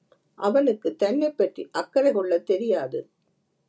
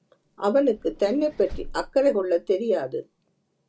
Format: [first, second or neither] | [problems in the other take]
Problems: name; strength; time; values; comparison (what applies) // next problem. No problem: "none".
first | background sound (Vehicle); 17 dB below the speech